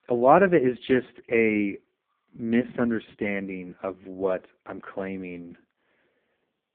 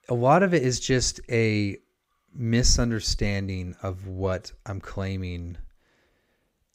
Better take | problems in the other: second | phone-call audio; poor line

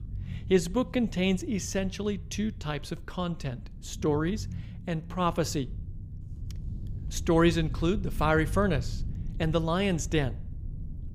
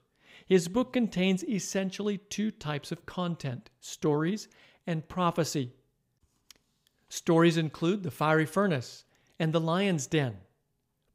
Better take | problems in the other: second | low rumble; faint; throughout; 20 dB below the speech

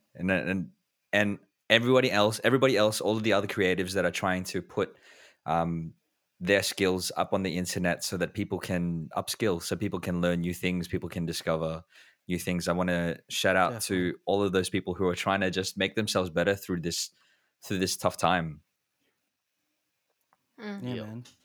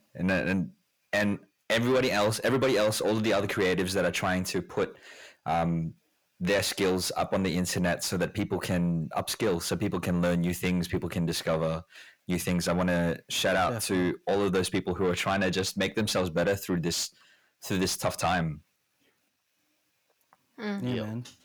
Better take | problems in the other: first | distortion; heavy; 7 dB below the speech

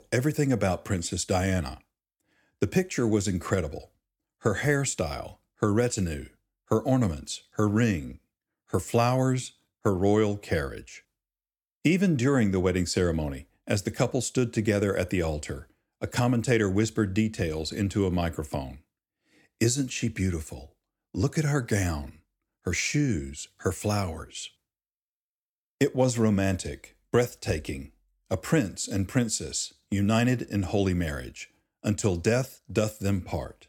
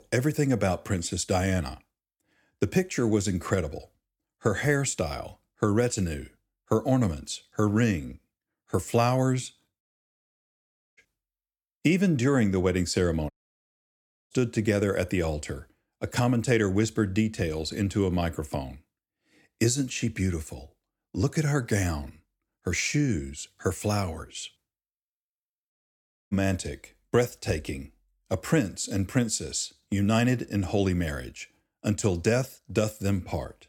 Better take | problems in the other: first | audio cutting out; at 10 s for 1 s, at 13 s for 1 s and at 26 s for 0.5 s

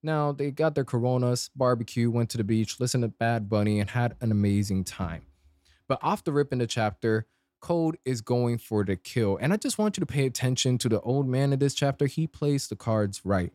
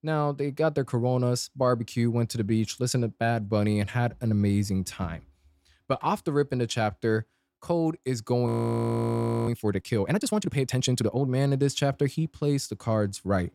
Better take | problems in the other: first | audio freezing; at 8.5 s for 1 s

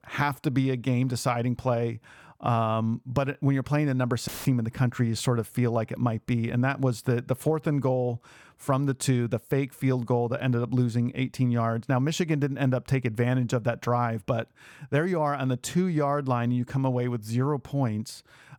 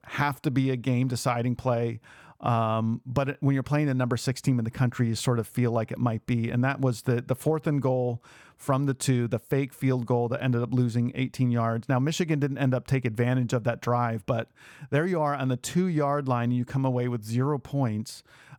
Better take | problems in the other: second | audio cutting out; filled with static; at 4.5 s

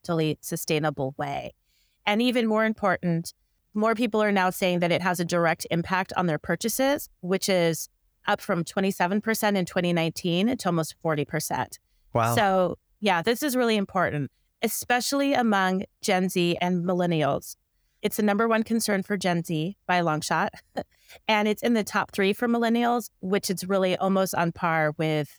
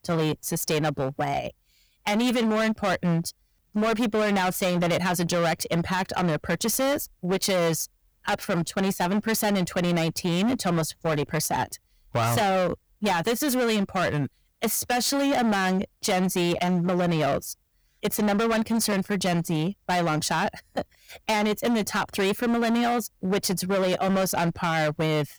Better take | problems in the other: first | distortion; heavy; 21% of the sound clipped

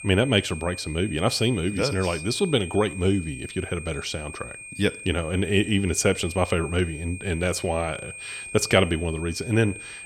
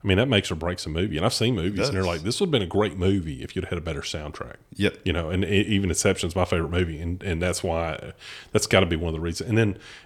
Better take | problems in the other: second | high-pitched whine; noticeable; throughout; 2.5 kHz, 10 dB below the speech

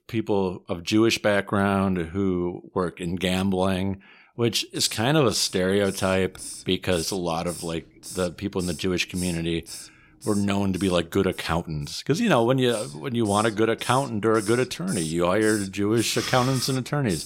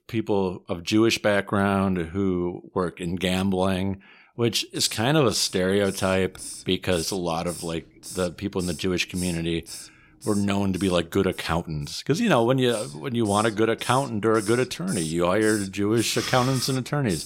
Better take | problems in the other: neither | hiss; noticeable; from 4.5 s on; 15 dB below the speech; the same in both

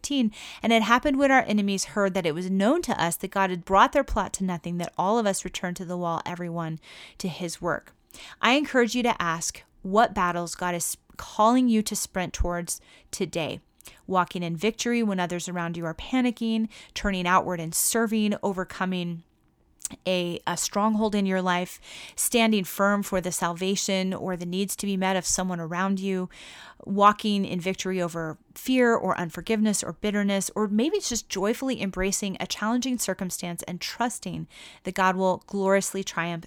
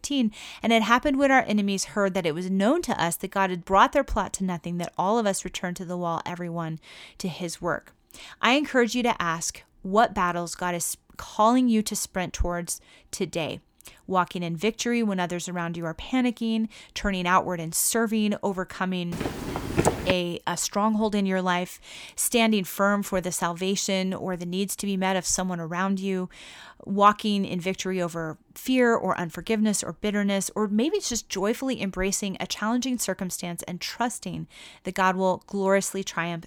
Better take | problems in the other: first | footsteps; loud; from 19 to 20 s; peak 1 dB above the speech

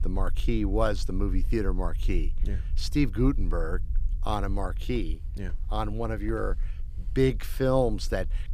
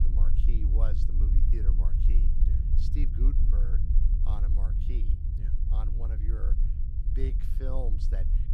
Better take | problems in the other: first | low rumble; loud; throughout; 2 dB below the speech; faint in the first

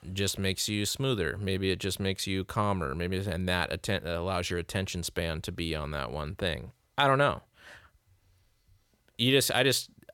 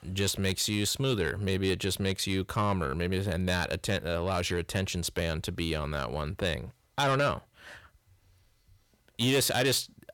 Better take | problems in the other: first | distortion; slight; 10 dB below the speech

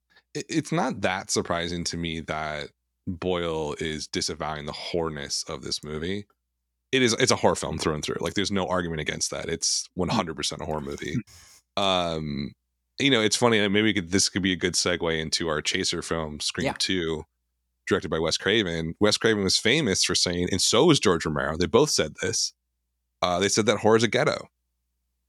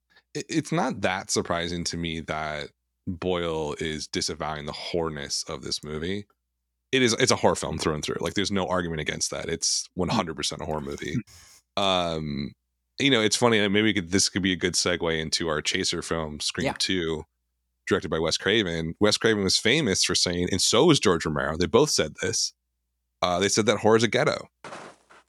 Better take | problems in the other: first | footsteps; faint; at 25 s; peak 15 dB below the speech

